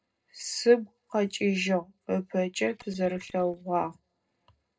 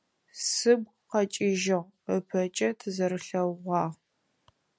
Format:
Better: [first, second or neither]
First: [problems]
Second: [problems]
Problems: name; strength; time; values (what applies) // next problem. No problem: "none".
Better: second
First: noise reduction (neural separator model SepFormer DNS4)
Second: none